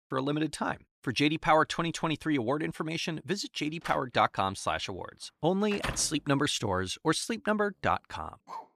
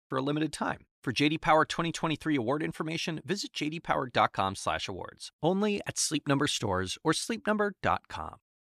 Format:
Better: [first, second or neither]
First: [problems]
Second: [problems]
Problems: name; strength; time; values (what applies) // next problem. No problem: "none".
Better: second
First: door banging; noticeable; from 4 to 6 s; peak 8 dB below the speech // dog barking; faint; at 8.5 s; peak 15 dB below the speech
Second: none